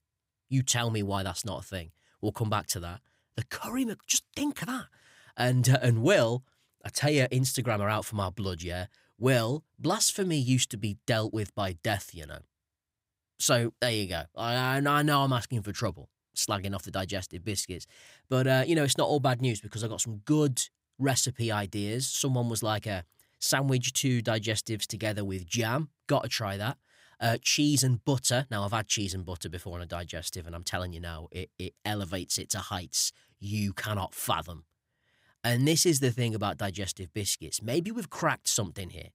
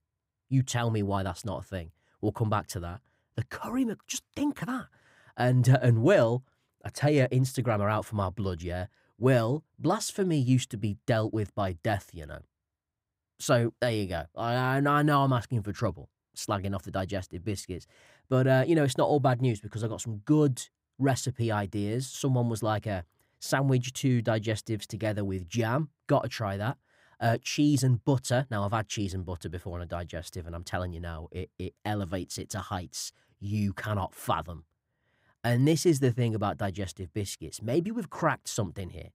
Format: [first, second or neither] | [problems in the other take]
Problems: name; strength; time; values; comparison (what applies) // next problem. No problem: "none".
first | muffled; slightly; fading above 2 kHz